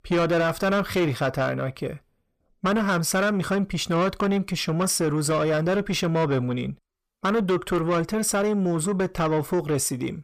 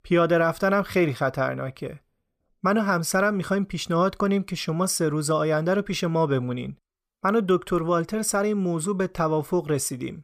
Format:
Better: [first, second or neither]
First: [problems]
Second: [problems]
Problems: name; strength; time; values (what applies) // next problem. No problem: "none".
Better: second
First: distortion; slight; 10 dB below the speech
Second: none